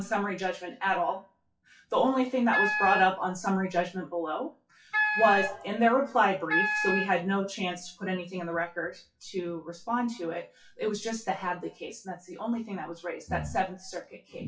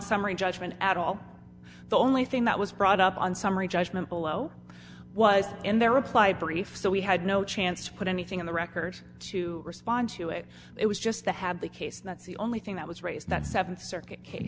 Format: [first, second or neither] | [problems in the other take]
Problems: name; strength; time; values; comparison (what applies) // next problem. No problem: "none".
second | noise reduction (classical method WPE with log-MMSE)